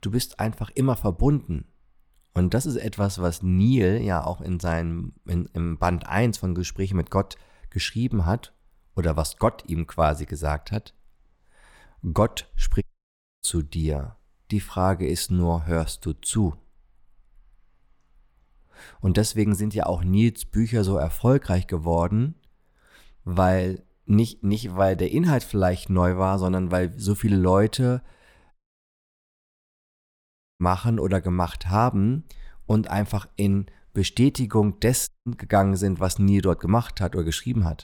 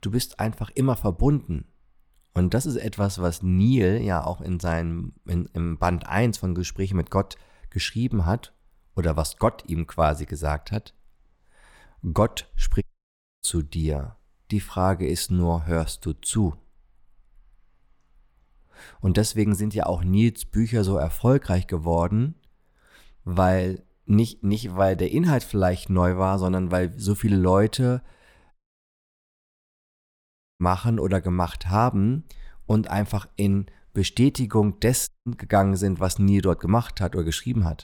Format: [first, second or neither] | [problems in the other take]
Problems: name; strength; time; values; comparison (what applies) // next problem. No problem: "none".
neither | audio cutting out; at 13 s for 0.5 s, at 29 s for 2 s and at 35 s; the same in both